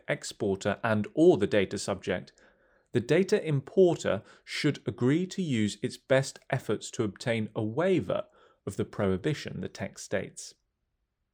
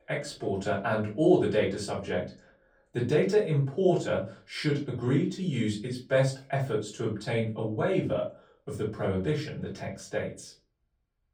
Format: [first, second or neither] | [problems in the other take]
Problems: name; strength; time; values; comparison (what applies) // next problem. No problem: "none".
first | off-mic speech; far // room echo; slight; dies away in 0.3 s